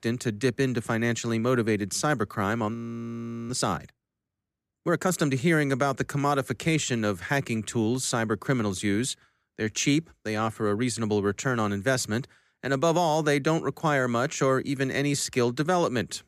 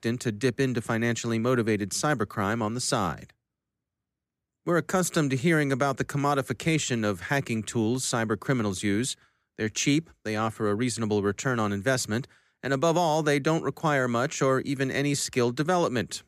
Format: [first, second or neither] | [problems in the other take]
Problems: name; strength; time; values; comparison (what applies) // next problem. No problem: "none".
second | audio freezing; at 2.5 s for 1 s